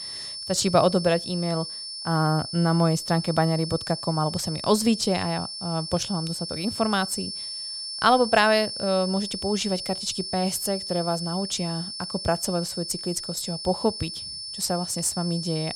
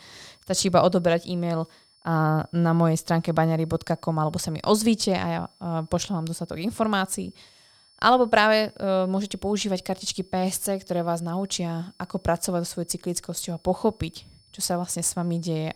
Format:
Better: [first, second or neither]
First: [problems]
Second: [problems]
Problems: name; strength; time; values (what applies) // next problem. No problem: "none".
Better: second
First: high-pitched whine; loud; throughout; 5.5 kHz, 7 dB below the speech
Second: high-pitched whine; faint; throughout; 5.5 kHz, 30 dB below the speech